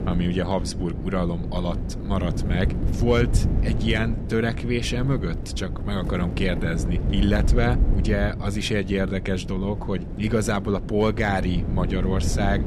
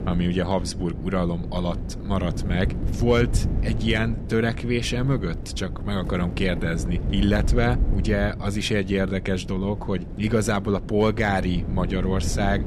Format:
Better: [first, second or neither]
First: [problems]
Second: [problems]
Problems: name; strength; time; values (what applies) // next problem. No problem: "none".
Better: second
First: wind noise on the microphone; heavy; 10 dB below the speech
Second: wind noise on the microphone; occasional gusts; 15 dB below the speech